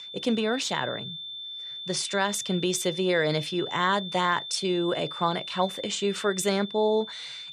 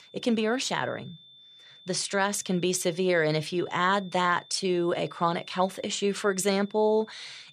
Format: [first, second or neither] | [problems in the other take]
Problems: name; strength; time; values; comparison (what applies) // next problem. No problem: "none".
second | high-pitched whine; loud; throughout; 3.5 kHz, 9 dB below the speech; faint in the second